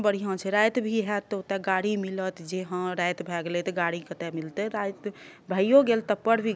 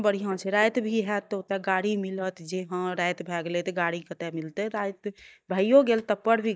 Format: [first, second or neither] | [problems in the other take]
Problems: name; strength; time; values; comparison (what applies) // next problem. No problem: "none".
first | noise reduction (neural mask model DeepFilterNet 3)